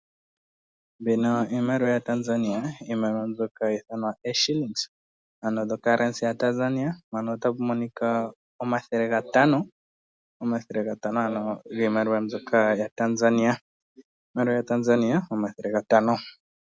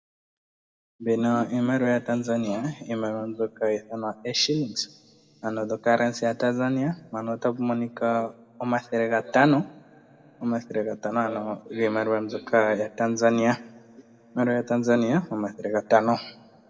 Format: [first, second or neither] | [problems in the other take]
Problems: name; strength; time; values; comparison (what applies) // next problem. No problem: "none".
first | room echo; dies away in 1.2 s